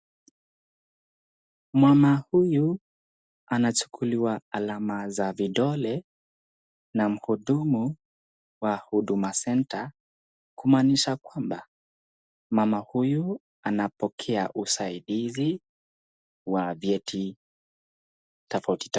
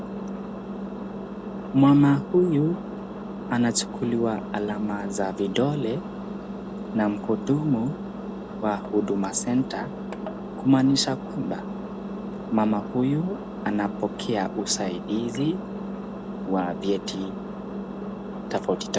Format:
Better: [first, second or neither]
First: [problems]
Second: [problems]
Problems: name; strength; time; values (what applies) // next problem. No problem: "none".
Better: first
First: none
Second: background sound (Engine); 7 dB below the speech